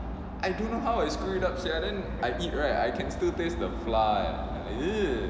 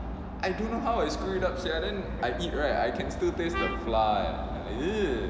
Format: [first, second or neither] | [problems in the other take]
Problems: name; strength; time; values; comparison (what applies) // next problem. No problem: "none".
first | background sound (Trumpet); 9 dB below the speech